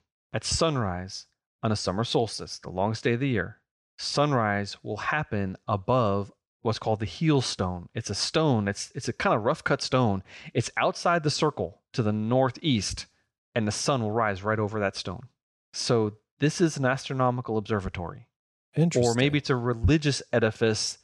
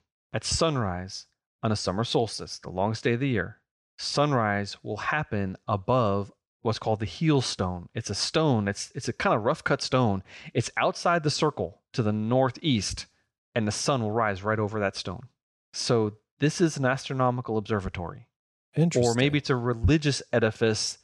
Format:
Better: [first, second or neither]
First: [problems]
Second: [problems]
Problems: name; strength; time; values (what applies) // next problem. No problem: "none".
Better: neither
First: none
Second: none